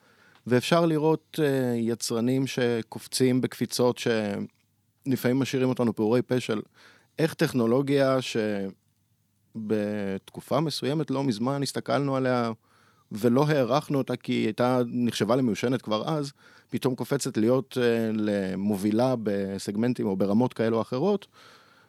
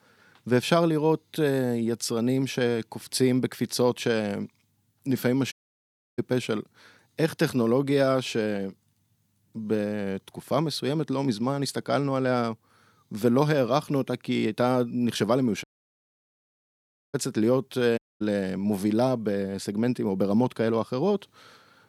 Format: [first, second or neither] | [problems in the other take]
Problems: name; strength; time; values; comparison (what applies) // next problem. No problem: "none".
first | audio cutting out; at 5.5 s for 0.5 s, at 16 s for 1.5 s and at 18 s